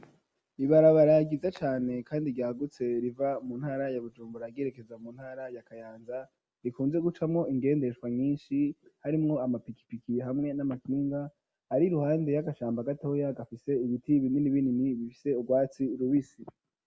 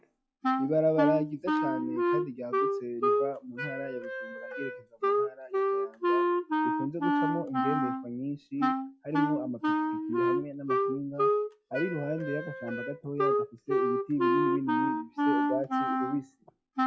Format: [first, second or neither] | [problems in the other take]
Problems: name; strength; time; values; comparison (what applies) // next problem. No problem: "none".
first | noise reduction (classical method log-MMSE)